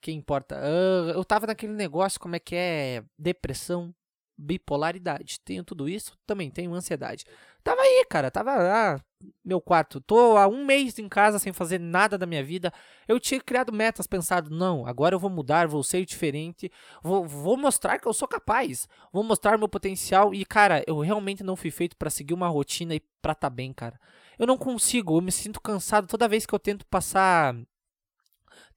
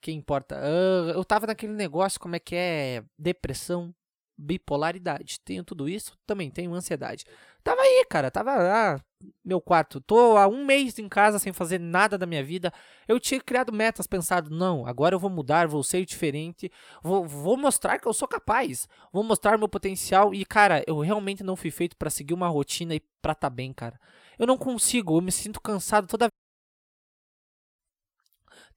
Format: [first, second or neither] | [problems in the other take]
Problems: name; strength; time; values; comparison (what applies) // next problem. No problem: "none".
first | audio cutting out; at 26 s for 1.5 s